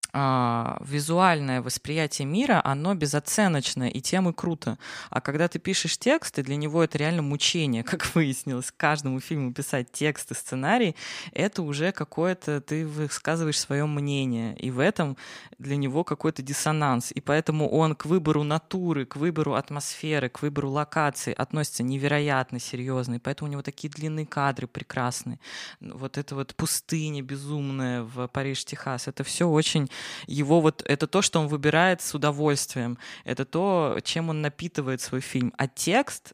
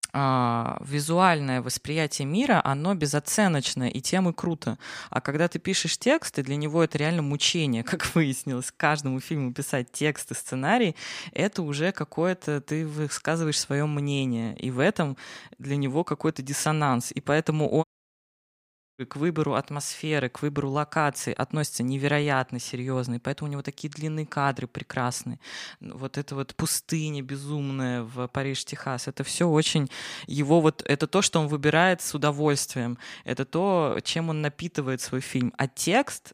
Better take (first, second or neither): first